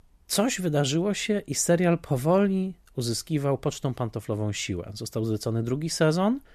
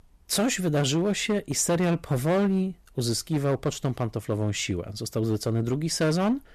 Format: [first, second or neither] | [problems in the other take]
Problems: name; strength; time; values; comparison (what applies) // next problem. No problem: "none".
first | distortion; slight; 8% of the sound clipped